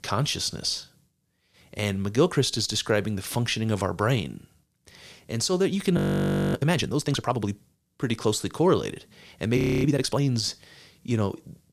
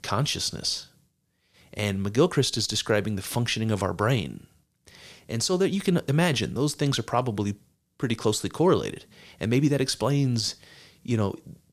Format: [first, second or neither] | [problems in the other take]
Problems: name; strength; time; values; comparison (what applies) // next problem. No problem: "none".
second | audio freezing; at 6 s for 0.5 s and at 9.5 s